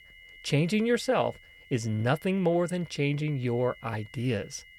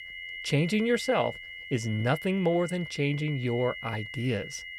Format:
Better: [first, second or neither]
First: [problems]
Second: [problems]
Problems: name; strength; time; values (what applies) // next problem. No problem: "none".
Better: first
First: high-pitched whine; faint; throughout; 2 kHz, 20 dB below the speech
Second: high-pitched whine; loud; throughout; 2 kHz, 10 dB below the speech